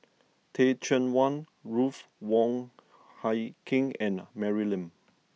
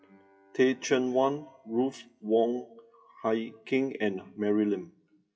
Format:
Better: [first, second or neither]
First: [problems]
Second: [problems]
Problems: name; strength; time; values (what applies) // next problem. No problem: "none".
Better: first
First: none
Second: noise reduction (classical method WPE with log-MMSE)